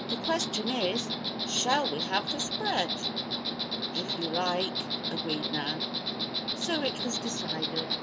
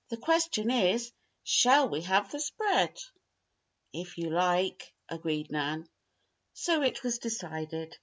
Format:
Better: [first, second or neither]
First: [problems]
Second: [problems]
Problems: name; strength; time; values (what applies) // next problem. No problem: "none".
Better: second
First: background sound (Insect); 1 dB above the speech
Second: none